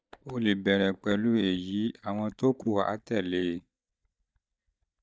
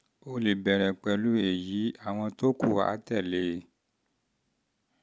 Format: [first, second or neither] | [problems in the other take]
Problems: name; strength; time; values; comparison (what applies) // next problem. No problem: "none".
second | noise reduction (neural mask model DeepFilterNet 3)